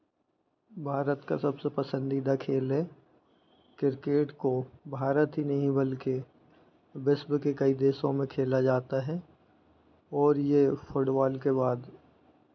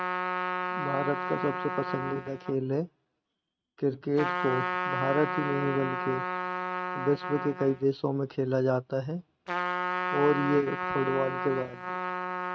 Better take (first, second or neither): first